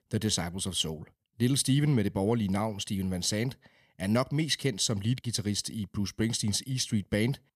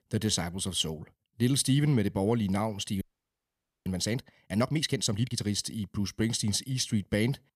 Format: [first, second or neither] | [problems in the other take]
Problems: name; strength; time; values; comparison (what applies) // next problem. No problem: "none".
first | audio freezing; at 3 s for 1 s